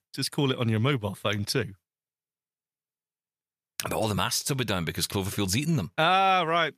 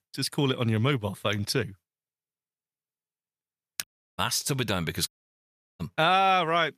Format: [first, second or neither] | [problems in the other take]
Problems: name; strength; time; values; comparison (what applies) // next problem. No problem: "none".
first | audio cutting out; at 4 s and at 5 s for 0.5 s